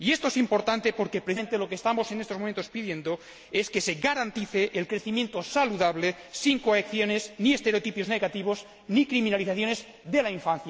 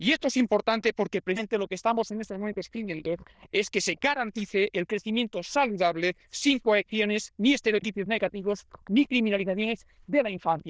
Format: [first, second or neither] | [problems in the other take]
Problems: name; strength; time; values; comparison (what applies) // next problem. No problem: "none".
first | noise reduction (neural diffusion model UNIVERSE++)